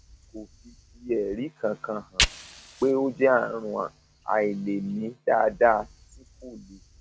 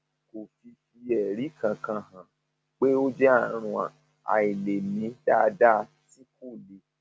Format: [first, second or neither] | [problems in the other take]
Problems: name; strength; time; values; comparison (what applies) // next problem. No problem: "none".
second | background sound (Fire); 10 dB below the speech